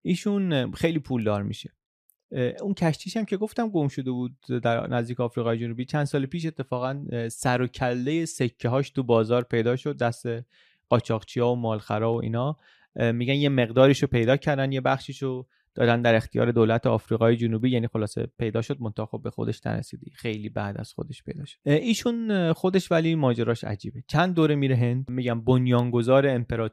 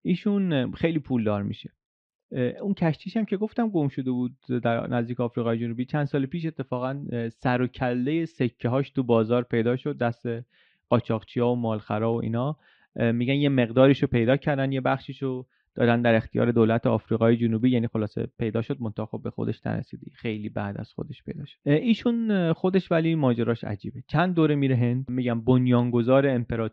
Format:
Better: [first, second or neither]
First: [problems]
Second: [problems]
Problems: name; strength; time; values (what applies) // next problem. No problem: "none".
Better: first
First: none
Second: muffled; slightly; fading above 3.5 kHz